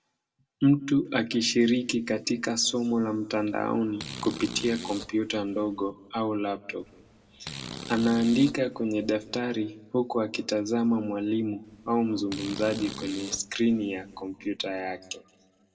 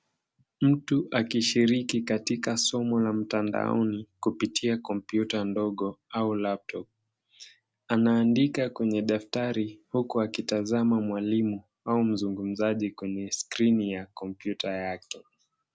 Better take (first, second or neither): second